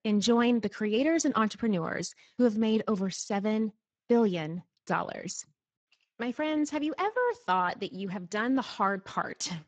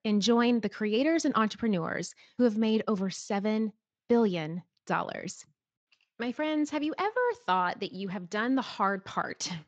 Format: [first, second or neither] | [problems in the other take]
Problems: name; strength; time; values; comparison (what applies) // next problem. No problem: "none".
second | garbled, watery; badly; nothing above 7.5 kHz; slightly in the second